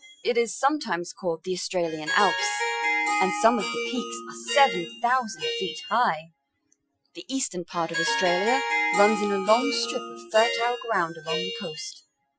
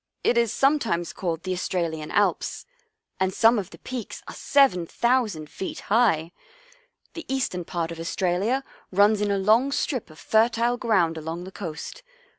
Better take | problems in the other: second | noise reduction (classical method Wiener filter)

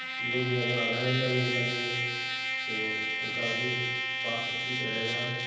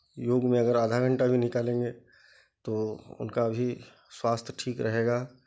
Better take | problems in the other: second | background sound (Trumpet); 2 dB above the speech // room echo; dies away in 1.1 s

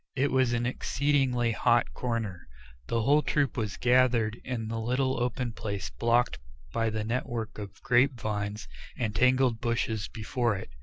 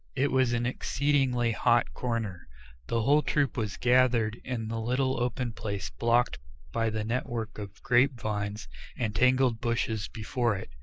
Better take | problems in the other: first | noise reduction (neural mask model Resemble Enhance denoiser)

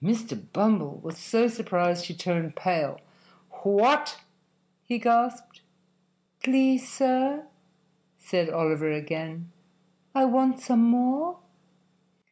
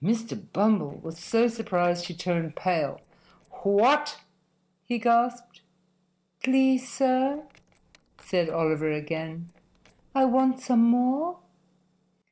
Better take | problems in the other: first | noise reduction (neural separator model SepFormer DNS4)

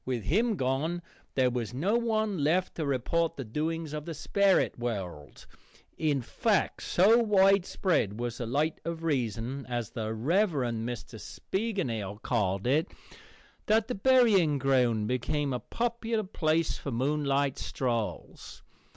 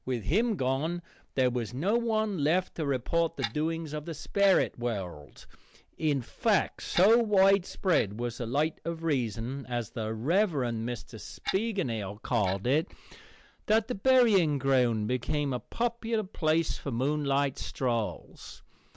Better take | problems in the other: first | background sound (Clock); 13 dB below the speech

